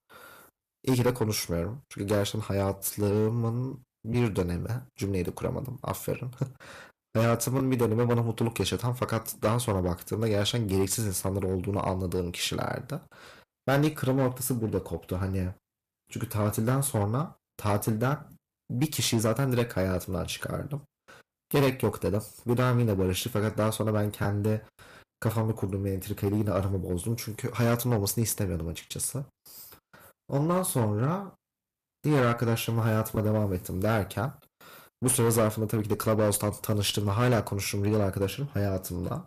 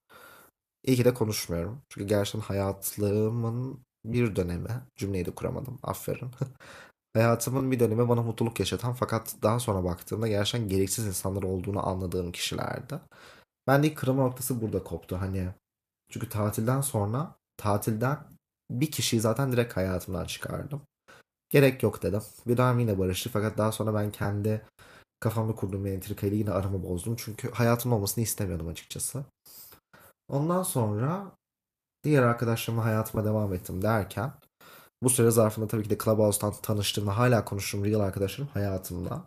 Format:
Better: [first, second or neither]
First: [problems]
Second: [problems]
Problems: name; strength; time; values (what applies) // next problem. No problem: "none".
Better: second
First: distortion; slight; 5% of the sound clipped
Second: none